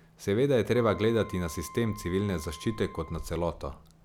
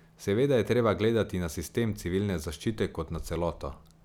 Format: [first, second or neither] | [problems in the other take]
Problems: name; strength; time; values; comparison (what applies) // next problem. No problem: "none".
second | background sound (Wind instrument, woodwind instrument); 19 dB below the speech